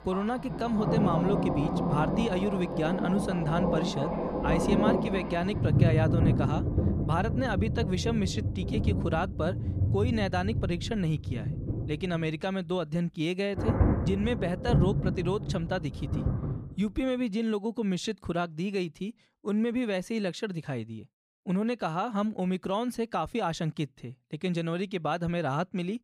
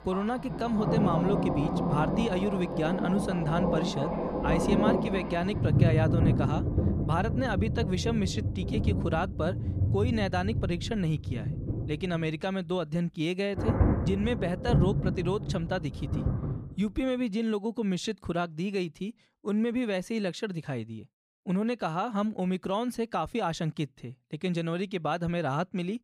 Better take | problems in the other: neither | rain or running water; very loud; until 16 s; 1 dB above the speech; the same in both

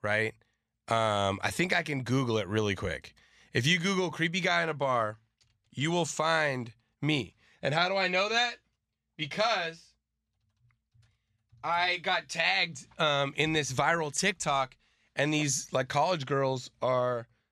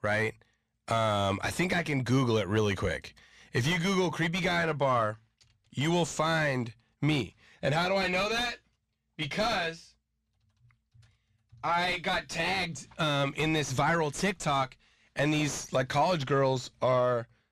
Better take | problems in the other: first | distortion; heavy; 7 dB below the speech

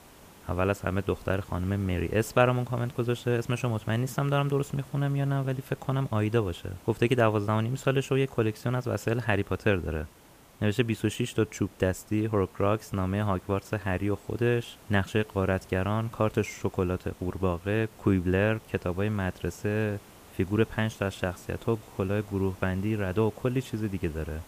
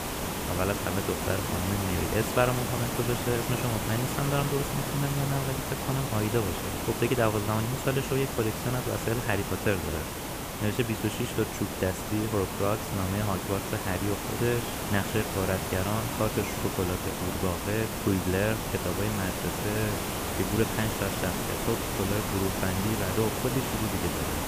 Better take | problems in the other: first | hiss; loud; throughout; 1 dB below the speech; faint in the first

